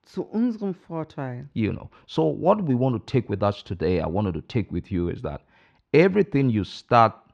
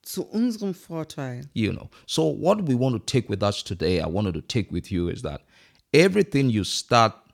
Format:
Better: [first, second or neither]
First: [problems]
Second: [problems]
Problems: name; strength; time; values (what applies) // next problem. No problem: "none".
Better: second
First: muffled; slightly; fading above 2 kHz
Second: none